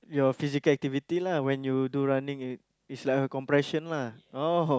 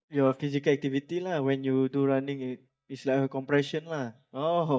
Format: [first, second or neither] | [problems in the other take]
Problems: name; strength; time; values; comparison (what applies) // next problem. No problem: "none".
first | noise reduction (neural mask model DeepFilterNet 3)